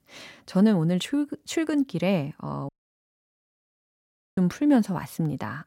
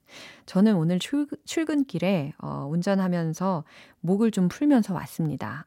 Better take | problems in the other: second | audio cutting out; at 2.5 s for 1.5 s

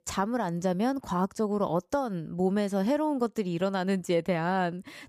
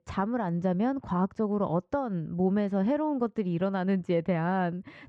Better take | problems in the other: first | muffled; slightly; fading above 2.5 kHz

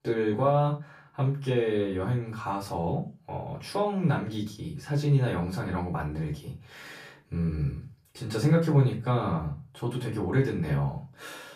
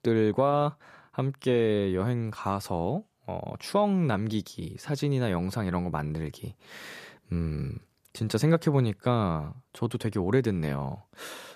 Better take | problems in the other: second | room echo; slight; dies away in 0.3 s // off-mic speech; far

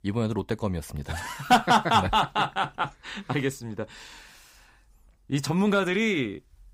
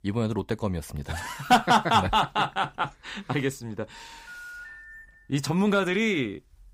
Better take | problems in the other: first | phone ringing; faint; from 4 to 5 s; peak 15 dB below the speech

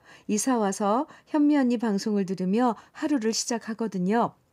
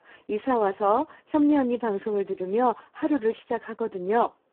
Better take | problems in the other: first | phone-call audio; poor line

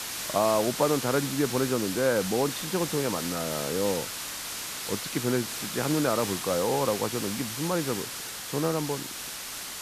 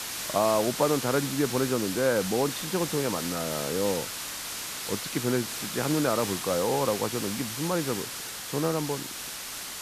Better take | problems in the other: neither | hiss; loud; throughout; 4 dB below the speech; the same in both

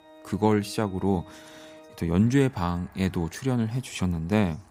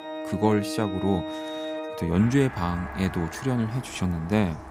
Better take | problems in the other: first | background music; loud; throughout; 9 dB below the speech; faint in the first

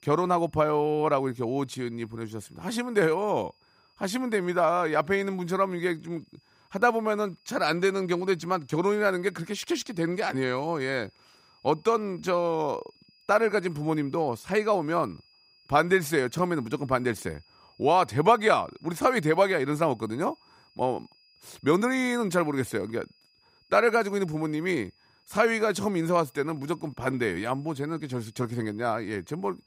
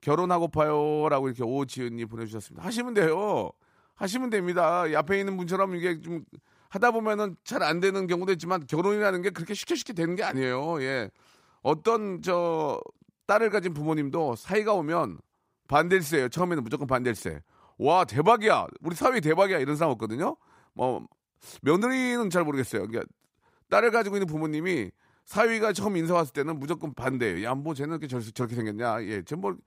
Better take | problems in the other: second | high-pitched whine; faint; throughout; 5 kHz, 35 dB below the speech

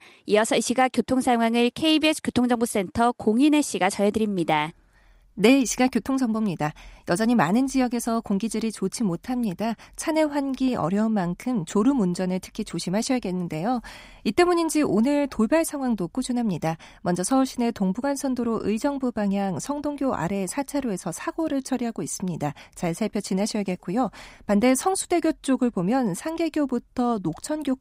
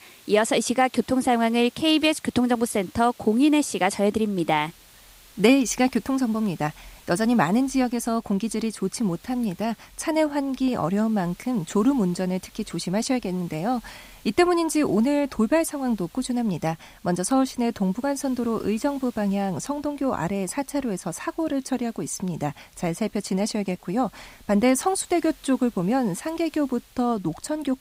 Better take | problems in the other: first | hiss; faint; throughout; 25 dB below the speech

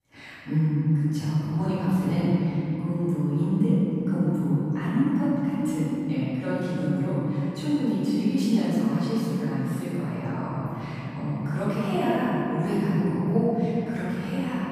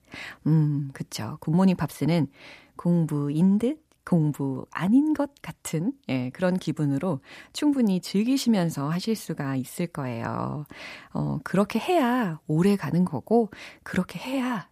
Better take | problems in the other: second | off-mic speech; far // room echo; strong; dies away in 3 s

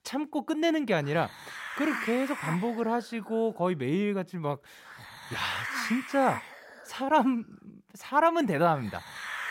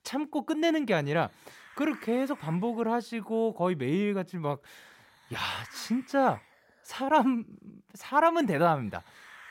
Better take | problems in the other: second | hiss; loud; throughout; 8 dB below the speech; faint in the second

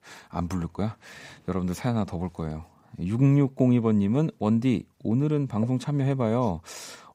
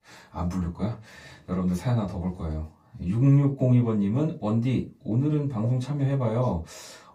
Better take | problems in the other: first | off-mic speech; far // room echo; very slight; dies away in 0.2 s

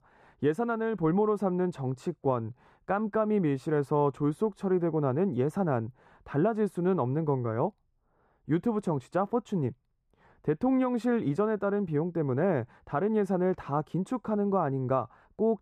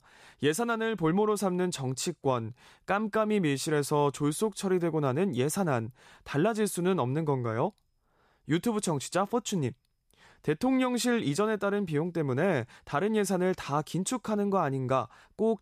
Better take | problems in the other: second | muffled; very; fading above 2.5 kHz

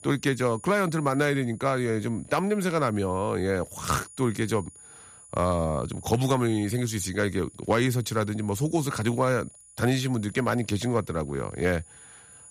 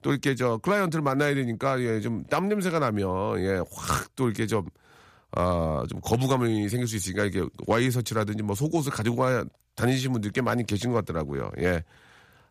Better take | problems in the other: second | high-pitched whine; faint; throughout; 10 kHz, 20 dB below the speech

